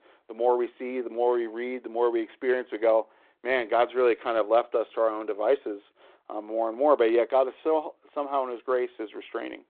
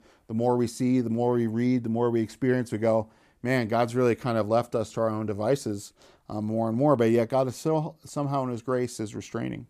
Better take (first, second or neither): second